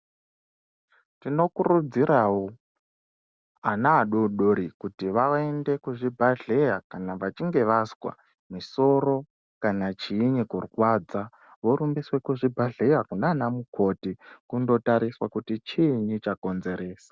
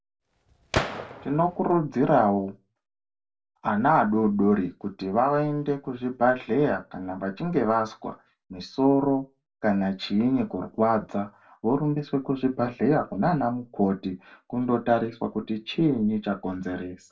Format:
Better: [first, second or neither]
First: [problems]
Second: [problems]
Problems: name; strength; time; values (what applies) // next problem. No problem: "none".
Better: first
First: none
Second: background sound (Gunshot, gunfire); 7 dB below the speech // room echo; dies away in 0.2 s